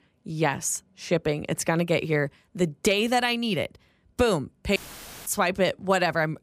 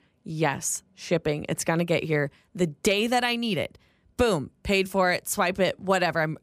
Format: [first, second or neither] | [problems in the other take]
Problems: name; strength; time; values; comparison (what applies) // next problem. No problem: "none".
second | audio cutting out; filled with static; at 5 s for 0.5 s